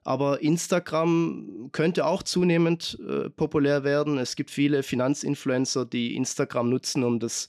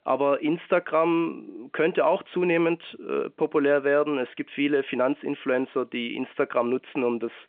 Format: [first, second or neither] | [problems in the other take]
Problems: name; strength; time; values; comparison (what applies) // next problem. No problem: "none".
first | phone-call audio